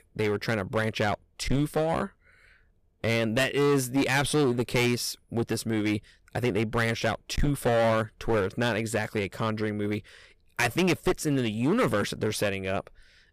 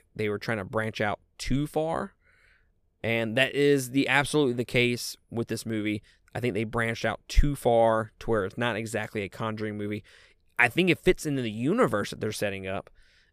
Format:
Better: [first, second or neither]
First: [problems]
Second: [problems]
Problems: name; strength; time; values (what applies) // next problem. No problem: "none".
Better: second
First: distortion; heavy; 11% of the sound clipped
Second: none